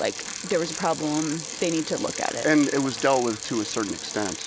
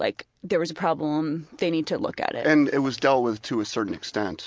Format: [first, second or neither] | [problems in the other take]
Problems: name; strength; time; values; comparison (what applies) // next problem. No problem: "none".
second | background sound (Bicycle); 9 dB below the speech